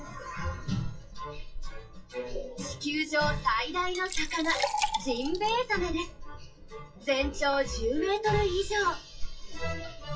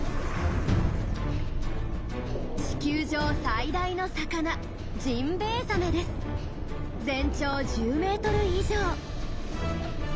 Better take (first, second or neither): second